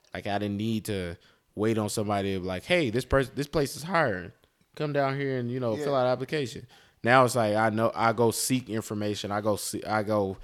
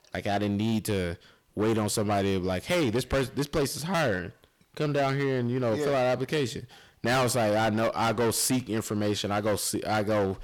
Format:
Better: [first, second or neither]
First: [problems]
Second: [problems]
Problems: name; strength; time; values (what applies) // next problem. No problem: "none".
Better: first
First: none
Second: distortion; heavy; 15% of the sound clipped